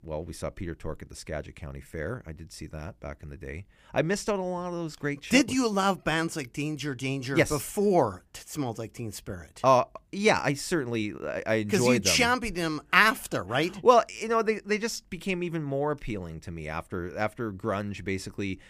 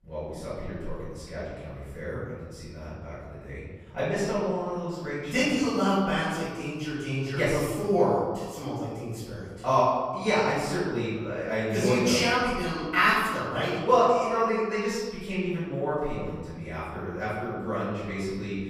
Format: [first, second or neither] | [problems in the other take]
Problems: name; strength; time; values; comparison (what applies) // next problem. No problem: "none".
first | off-mic speech; far // room echo; strong; dies away in 1.4 s